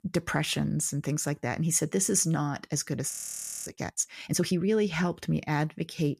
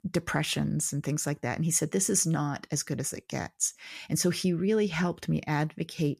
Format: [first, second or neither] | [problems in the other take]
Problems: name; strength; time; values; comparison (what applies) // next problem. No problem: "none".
second | audio freezing; at 3 s for 0.5 s